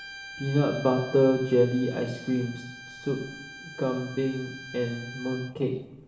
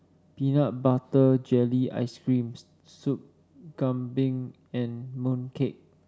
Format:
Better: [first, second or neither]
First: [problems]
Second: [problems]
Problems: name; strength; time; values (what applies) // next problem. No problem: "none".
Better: second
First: background sound (Bowed string instrument); 16 dB below the speech // room echo; dies away in 0.8 s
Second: none